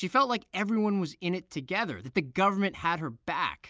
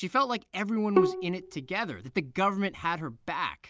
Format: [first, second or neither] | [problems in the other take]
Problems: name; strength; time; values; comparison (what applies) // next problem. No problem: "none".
first | background sound (Bowed string instrument); 2 dB below the speech